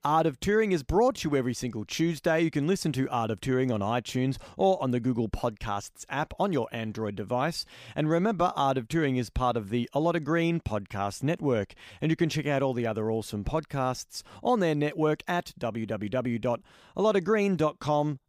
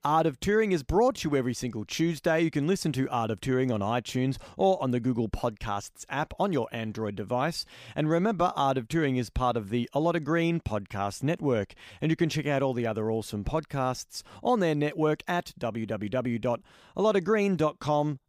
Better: neither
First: none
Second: none

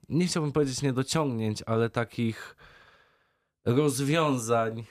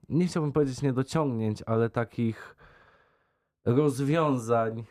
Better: first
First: none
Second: muffled; slightly; fading above 2 kHz

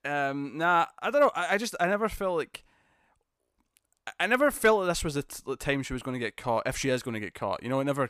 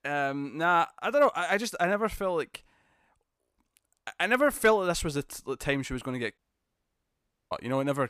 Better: first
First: none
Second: audio cutting out; at 6.5 s for 1 s

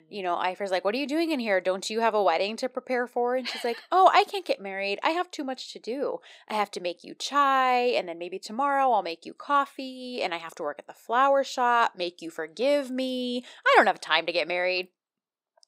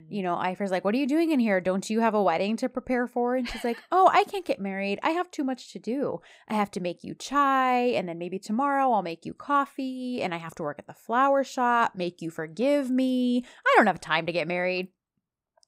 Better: second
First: thin; somewhat; fading below 400 Hz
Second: none

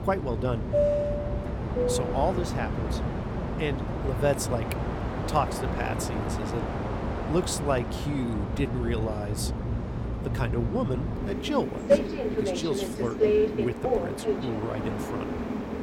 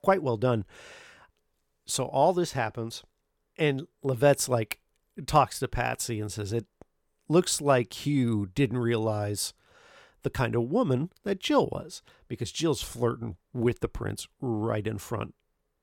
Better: second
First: train or aircraft noise; very loud; throughout; 2 dB above the speech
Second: none

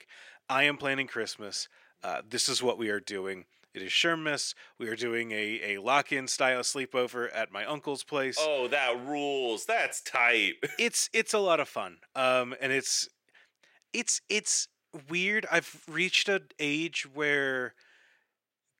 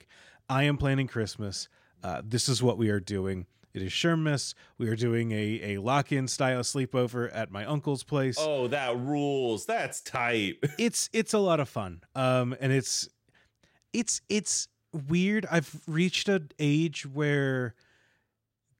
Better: second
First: thin; somewhat; fading below 400 Hz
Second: none

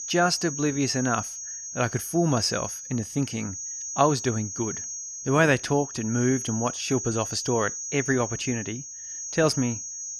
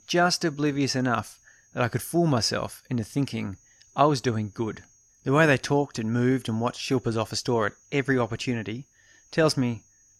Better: second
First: high-pitched whine; loud; throughout; 6.5 kHz, 6 dB below the speech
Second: high-pitched whine; faint; throughout; 6.5 kHz, 30 dB below the speech

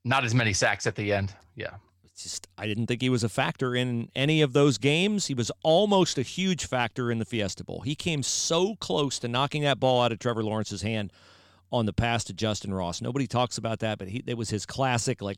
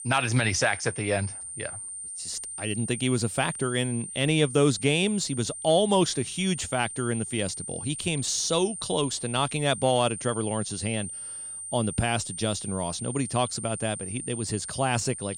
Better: first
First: none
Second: high-pitched whine; loud; throughout; 9 kHz, 8 dB below the speech

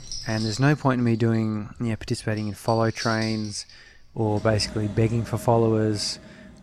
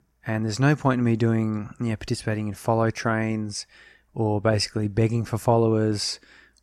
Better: second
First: household noises; noticeable; throughout; 15 dB below the speech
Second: none

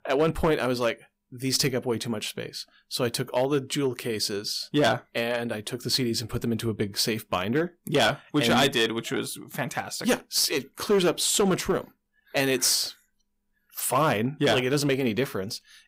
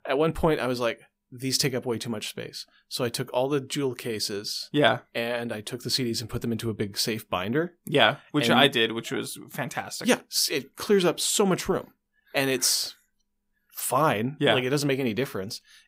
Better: second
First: distortion; slight; 3% of the sound clipped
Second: none

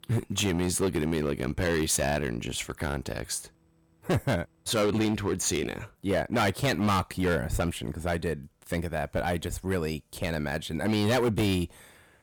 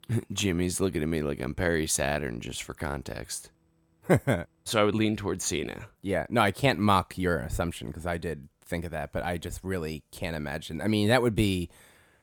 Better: second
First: distortion; heavy; 9% of the sound clipped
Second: none

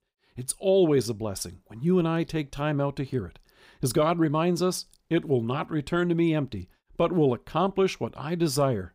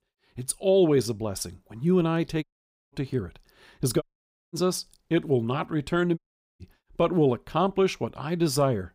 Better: first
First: none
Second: audio cutting out; at 2.5 s, at 4 s for 0.5 s and at 6 s

